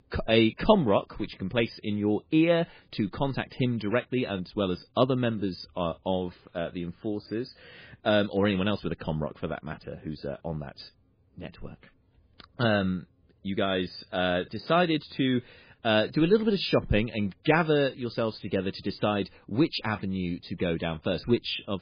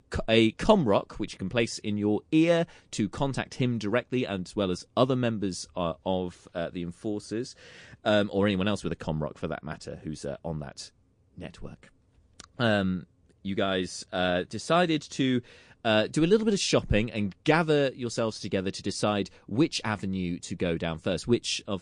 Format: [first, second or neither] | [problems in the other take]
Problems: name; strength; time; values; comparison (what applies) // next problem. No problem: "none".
second | garbled, watery; badly; slightly in the second